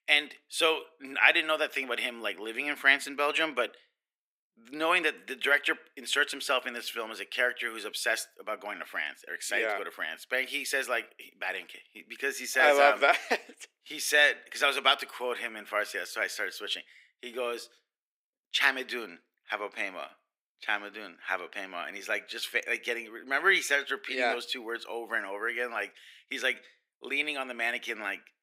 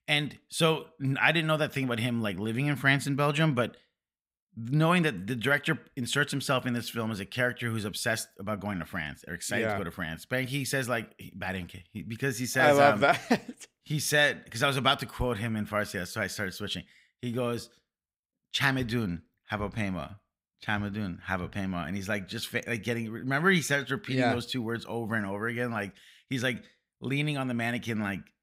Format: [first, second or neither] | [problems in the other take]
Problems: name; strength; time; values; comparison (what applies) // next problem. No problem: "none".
second | thin; very; fading below 350 Hz